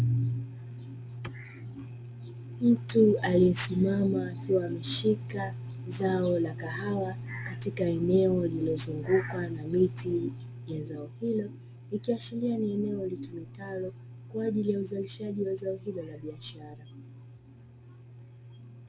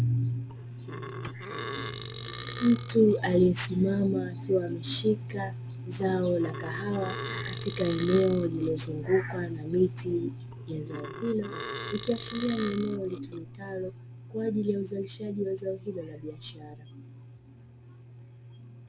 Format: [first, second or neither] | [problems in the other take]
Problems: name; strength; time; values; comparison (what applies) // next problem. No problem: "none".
first | background sound (Burping, eructation); 12 dB below the speech